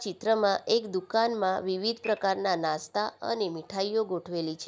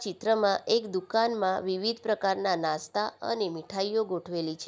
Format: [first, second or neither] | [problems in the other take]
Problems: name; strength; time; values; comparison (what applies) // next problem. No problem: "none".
second | background sound (Dishes, pots, and pans / Glass); 16 dB below the speech